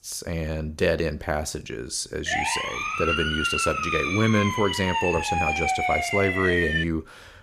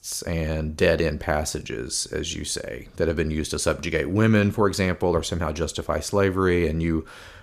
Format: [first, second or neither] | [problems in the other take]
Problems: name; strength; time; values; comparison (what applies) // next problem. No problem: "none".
second | siren; loud; from 2.5 to 7 s; peak 3 dB above the speech